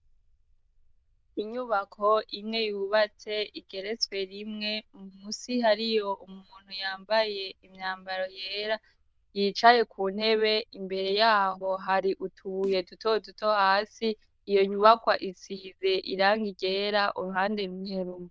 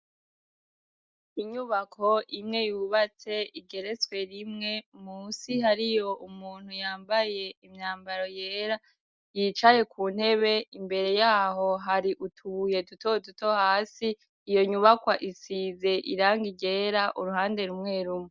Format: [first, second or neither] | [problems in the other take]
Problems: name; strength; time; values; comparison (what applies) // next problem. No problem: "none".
second | noise reduction (neural diffusion model UNIVERSE++)